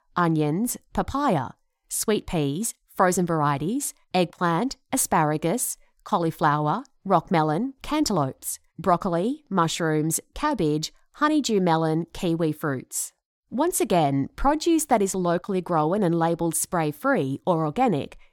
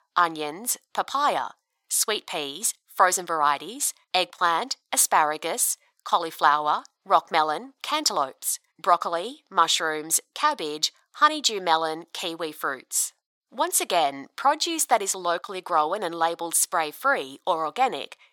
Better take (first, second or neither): first